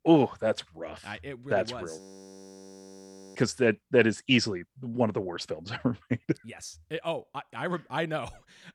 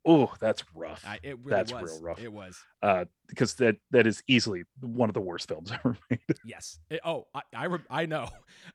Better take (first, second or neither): second